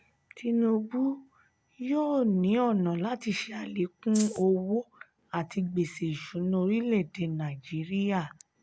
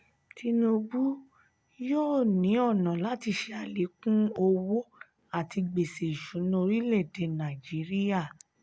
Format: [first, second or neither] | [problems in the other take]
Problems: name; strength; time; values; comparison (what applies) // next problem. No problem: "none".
second | background sound (Rattle (instrument)); 10 dB below the speech